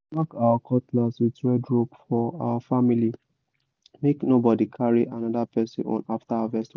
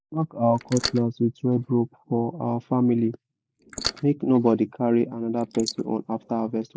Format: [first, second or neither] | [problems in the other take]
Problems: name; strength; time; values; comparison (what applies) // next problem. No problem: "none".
first | noise reduction (neural mask model Resemble Enhance denoiser)